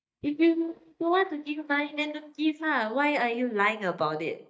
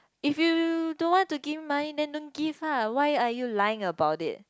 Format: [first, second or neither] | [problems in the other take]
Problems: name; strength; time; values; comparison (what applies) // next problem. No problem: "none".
second | noise reduction (neural mask model DeepFilterNet 3)